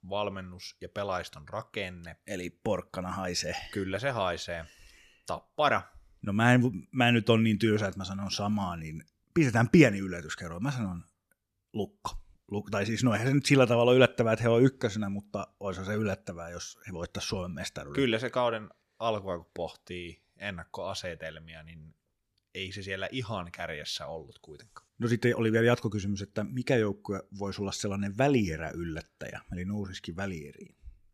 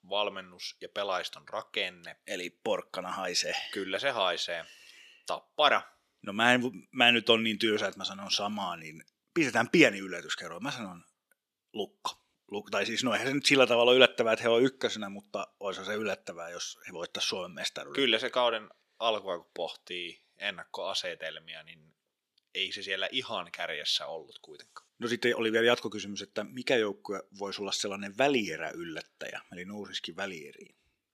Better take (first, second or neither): first